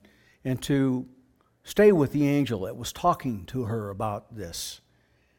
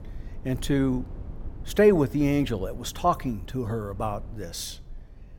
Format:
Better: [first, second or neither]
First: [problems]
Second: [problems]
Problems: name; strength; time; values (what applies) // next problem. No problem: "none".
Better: first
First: none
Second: low rumble; faint; throughout; 25 dB below the speech